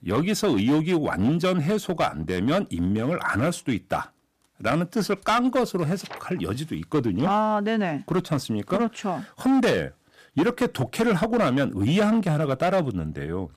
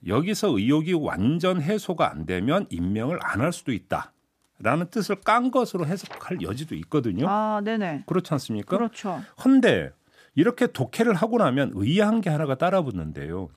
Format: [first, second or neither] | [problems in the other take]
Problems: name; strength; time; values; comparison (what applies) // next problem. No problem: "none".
second | distortion; slight; 8% of the sound clipped